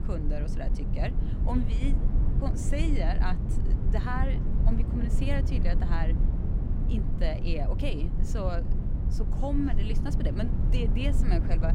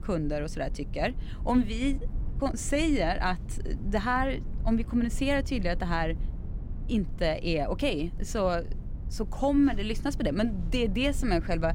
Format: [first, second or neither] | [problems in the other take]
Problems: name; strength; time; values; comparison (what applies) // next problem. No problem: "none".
second | low rumble; loud; throughout; 5 dB below the speech; faint in the second